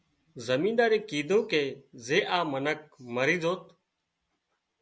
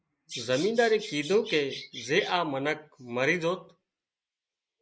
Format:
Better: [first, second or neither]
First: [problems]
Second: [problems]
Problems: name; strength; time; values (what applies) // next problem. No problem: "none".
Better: first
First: none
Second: noise reduction (neural mask model Resemble Enhance denoiser)